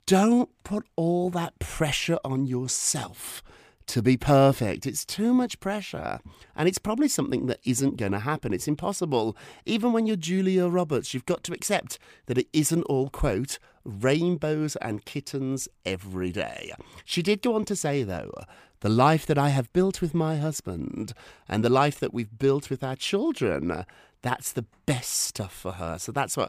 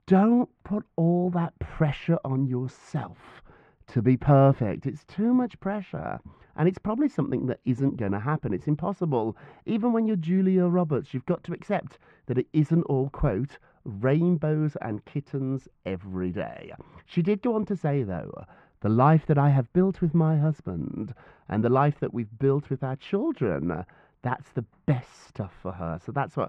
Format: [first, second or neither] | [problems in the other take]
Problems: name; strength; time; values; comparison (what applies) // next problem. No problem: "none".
first | muffled; very; fading above 1.5 kHz